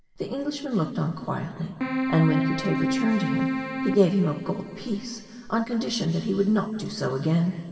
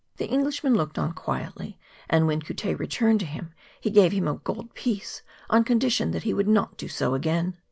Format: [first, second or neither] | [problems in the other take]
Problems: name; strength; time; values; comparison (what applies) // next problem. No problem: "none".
second | background sound (Keyboard (musical)); 3 dB below the speech // room echo; dies away in 2.4 s